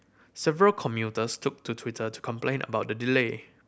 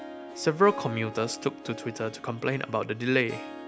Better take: first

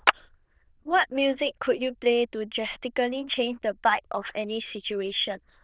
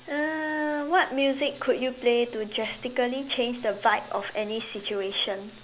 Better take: second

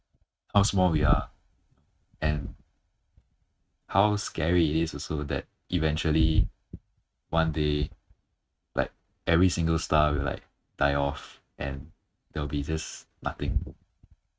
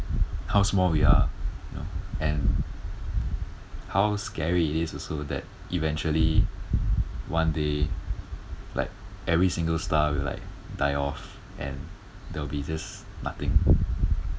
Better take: second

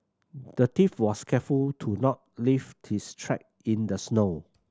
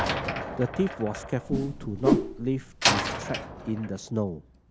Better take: first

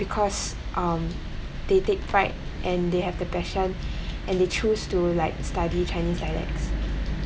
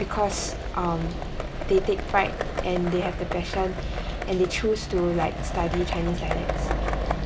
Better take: first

